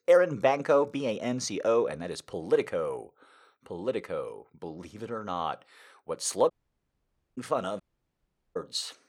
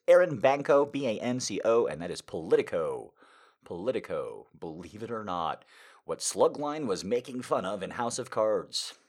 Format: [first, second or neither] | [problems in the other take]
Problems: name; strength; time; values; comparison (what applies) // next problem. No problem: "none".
second | audio cutting out; at 6.5 s for 1 s and at 8 s for 1 s